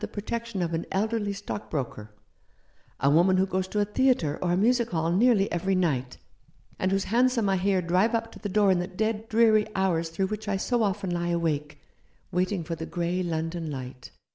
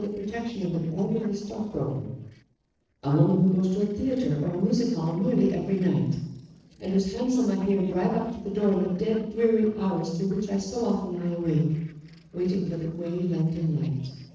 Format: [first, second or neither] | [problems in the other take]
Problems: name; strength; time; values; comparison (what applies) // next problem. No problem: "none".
first | noise reduction (neural separator model SepFormer DNS4)